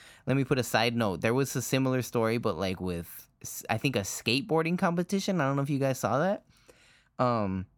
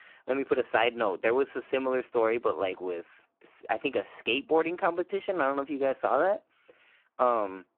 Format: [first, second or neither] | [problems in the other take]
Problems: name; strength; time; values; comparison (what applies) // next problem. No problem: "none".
first | phone-call audio; poor line